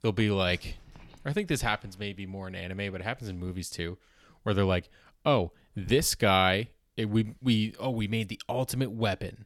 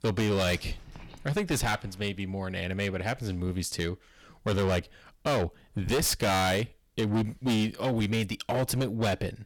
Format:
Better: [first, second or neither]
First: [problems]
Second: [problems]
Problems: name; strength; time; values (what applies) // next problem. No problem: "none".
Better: first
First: none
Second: distortion; heavy; 16% of the sound clipped